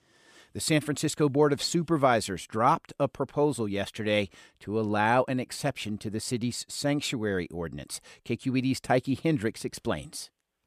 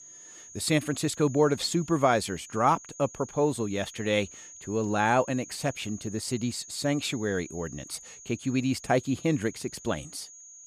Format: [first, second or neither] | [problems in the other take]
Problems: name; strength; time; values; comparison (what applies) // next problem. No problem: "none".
first | high-pitched whine; noticeable; throughout; 6.5 kHz, 15 dB below the speech